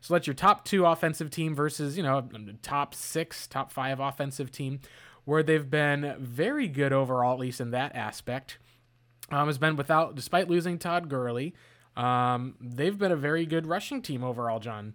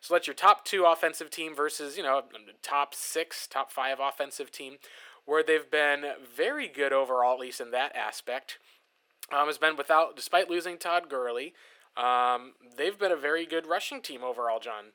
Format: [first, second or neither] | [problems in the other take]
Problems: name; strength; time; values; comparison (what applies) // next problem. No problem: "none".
first | thin; very; fading below 400 Hz